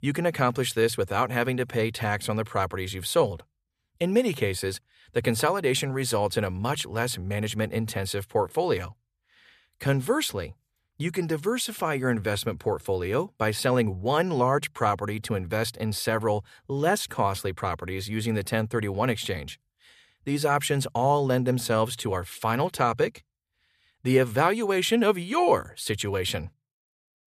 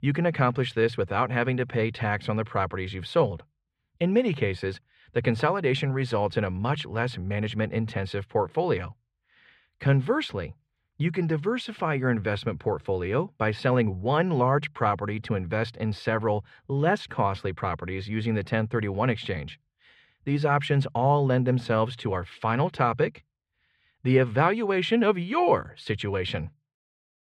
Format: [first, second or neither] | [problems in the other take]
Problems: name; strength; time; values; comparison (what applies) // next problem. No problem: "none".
first | muffled; slightly; fading above 2.5 kHz